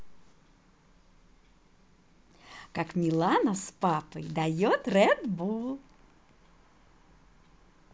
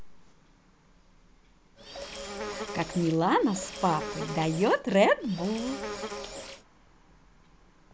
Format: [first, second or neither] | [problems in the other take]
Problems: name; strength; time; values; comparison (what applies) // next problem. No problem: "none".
first | background sound (Insect); 8 dB below the speech